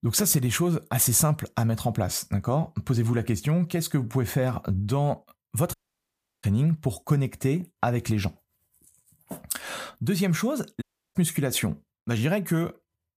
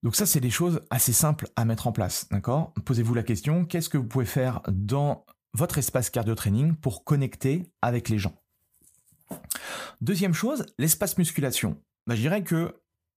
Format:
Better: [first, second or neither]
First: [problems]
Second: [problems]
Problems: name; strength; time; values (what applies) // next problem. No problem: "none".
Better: second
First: audio cutting out; at 5.5 s for 0.5 s and at 11 s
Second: none